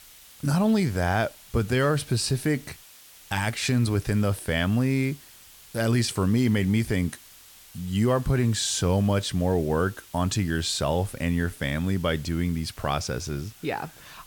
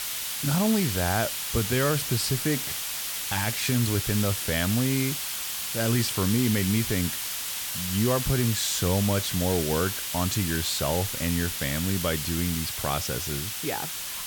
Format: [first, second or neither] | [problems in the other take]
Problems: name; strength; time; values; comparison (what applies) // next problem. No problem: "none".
first | hiss; loud; throughout; 2 dB below the speech; faint in the first